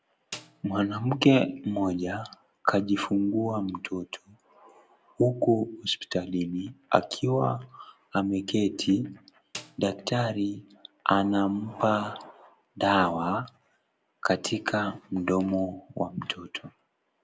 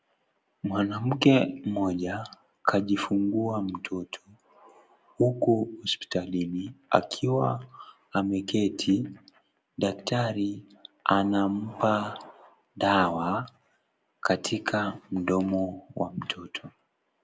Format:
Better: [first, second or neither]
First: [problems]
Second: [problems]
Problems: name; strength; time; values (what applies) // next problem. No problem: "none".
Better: second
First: background sound (Snare drum); 20 dB below the speech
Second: none